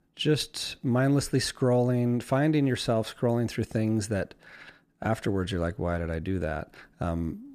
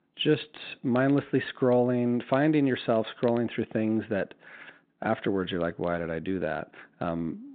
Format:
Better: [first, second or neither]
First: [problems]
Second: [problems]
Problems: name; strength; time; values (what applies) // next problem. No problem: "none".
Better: first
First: none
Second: phone-call audio; nothing above 4 kHz